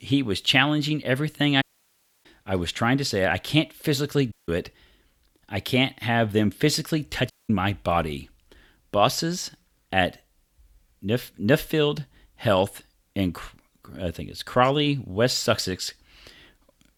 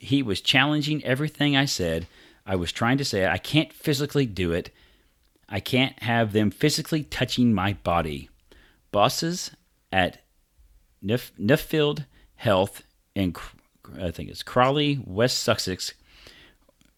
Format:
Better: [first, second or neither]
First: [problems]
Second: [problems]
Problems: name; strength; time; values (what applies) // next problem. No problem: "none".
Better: second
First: audio cutting out; at 1.5 s for 0.5 s, at 4.5 s and at 7.5 s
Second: none